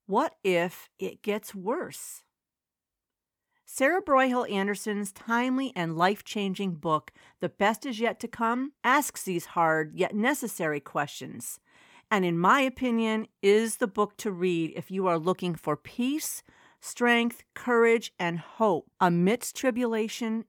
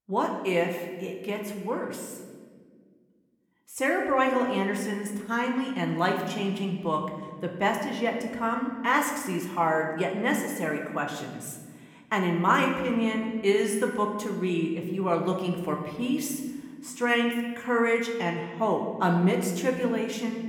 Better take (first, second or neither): first